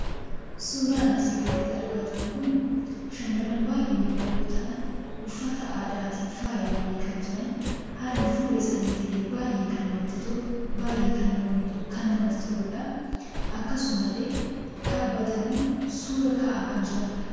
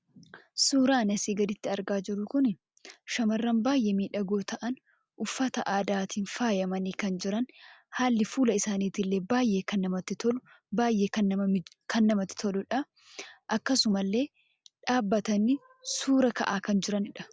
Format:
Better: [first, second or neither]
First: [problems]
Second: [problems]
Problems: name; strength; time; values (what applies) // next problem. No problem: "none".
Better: second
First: background sound (Subway, metro, underground); 4 dB below the speech // room echo; dies away in 2.1 s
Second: none